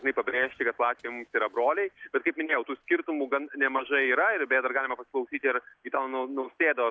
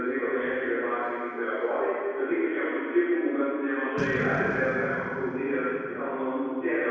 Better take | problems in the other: first | background sound (Boom); 15 dB below the speech // room echo; dies away in 1.9 s

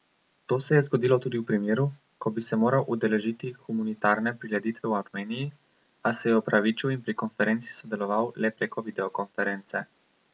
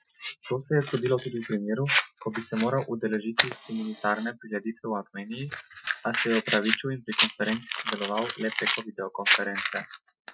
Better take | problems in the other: first | noise reduction (classical method Wiener filter)

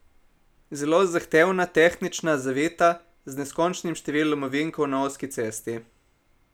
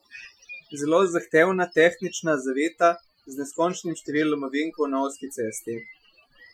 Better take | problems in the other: first | noise reduction (classical method Wiener filter)

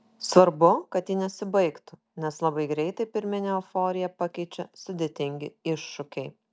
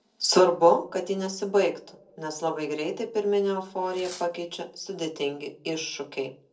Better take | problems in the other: first | noise reduction (neural separator model SepFormer DNS4)

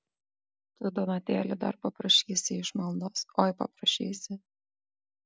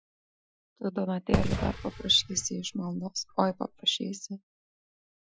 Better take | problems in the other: first | noise reduction (classical method Wiener filter)

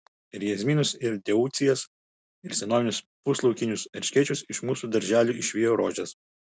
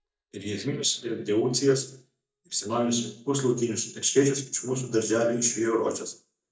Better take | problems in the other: first | noise reduction (neural mask model DeepFilterNet 3)

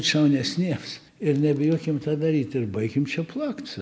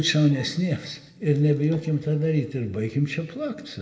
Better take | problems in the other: first | noise reduction (neural separator model SepFormer DNS4)

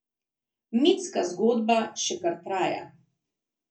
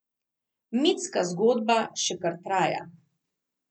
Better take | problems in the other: second | room echo; dies away in 0.2 s

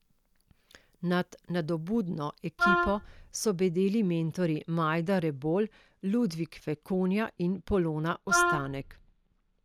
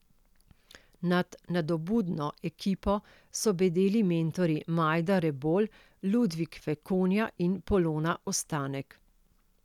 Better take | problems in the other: second | noise reduction (neural mask model DeepFilterNet 3)

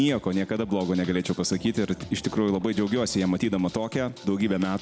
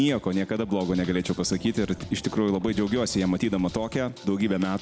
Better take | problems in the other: first | background sound (Wind); 19 dB below the speech

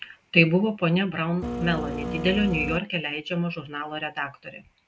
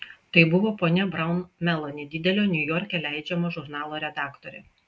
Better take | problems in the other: second | background sound (Printer); 5 dB below the speech

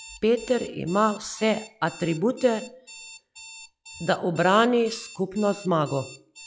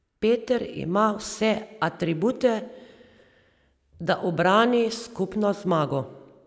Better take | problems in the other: second | noise reduction (classical method log-MMSE)

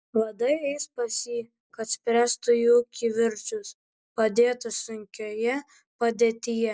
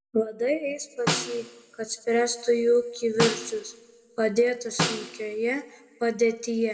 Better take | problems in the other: first | background sound (Snare drum); 6 dB below the speech // room echo; dies away in 1.3 s

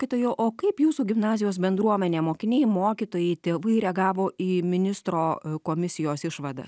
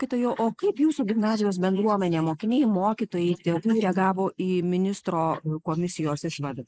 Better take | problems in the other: first | noise reduction (neural mask model Resemble Enhance denoiser)

